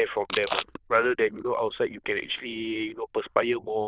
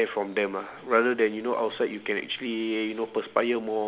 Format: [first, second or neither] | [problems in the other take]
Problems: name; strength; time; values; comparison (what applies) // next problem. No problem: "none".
second | noise reduction (neural diffusion model UNIVERSE++)